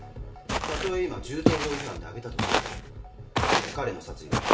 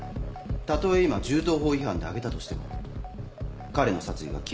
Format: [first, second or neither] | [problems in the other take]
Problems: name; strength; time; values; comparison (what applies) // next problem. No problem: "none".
second | background sound (Walk, footsteps); 5 dB above the speech // room echo; dies away in 0.4 s